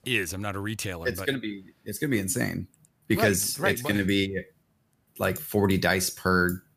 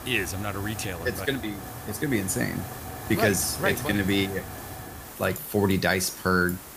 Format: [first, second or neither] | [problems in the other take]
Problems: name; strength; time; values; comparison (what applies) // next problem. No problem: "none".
first | hiss; noticeable; throughout; 10 dB below the speech